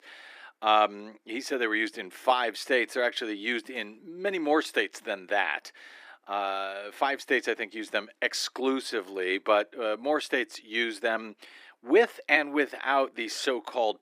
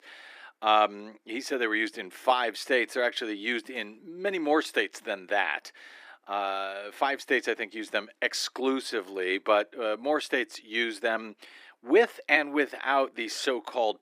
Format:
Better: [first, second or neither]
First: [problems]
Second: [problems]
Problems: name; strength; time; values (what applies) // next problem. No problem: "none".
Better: neither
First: thin; somewhat; fading below 300 Hz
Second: thin; somewhat; fading below 300 Hz